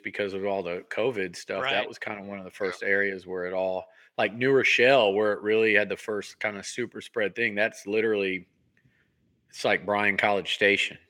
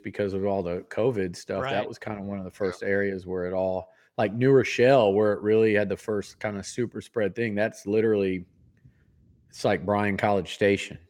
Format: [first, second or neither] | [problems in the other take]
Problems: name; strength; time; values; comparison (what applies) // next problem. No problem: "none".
second | thin; very slightly; fading below 400 Hz